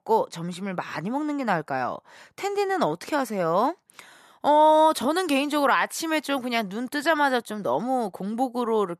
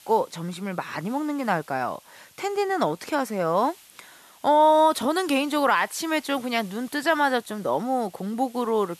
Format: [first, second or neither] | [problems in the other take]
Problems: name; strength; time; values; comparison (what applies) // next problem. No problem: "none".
first | hiss; faint; throughout; 25 dB below the speech